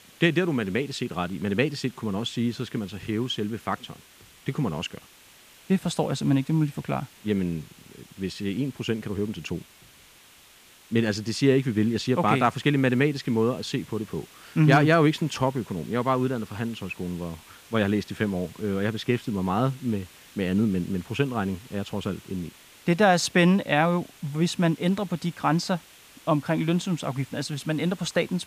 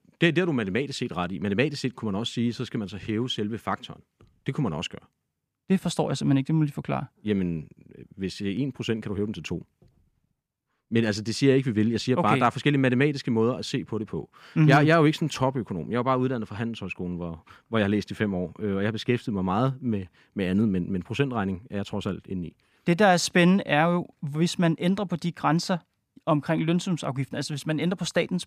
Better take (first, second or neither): second